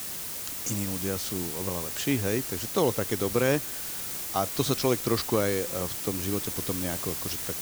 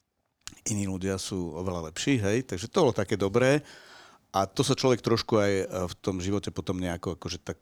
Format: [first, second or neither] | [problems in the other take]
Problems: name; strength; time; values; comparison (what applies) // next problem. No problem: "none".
second | hiss; loud; throughout; 2 dB below the speech